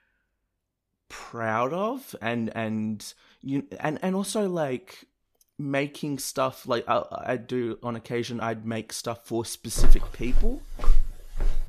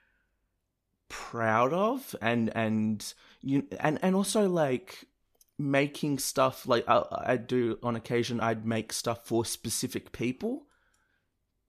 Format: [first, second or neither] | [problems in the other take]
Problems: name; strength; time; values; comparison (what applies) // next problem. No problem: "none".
second | footsteps; loud; from 10 s on; peak 3 dB above the speech